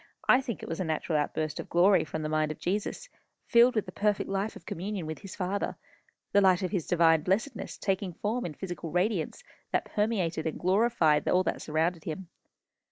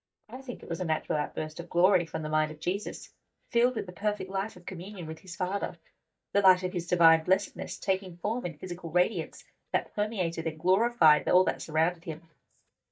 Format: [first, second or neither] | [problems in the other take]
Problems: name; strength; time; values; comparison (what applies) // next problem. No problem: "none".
first | noise reduction (neural mask model DeepFilterNet 3)